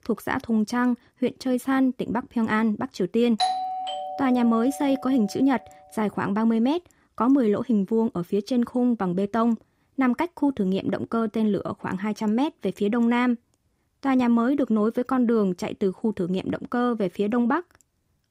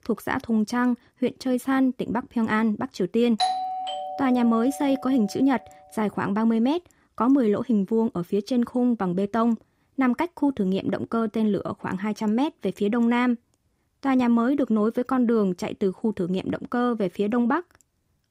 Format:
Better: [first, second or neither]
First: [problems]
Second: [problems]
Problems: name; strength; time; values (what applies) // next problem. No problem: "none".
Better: neither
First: doorbell; noticeable; from 3.5 to 5 s; peak 1 dB below the speech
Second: doorbell; noticeable; from 3.5 to 5 s; peak 1 dB below the speech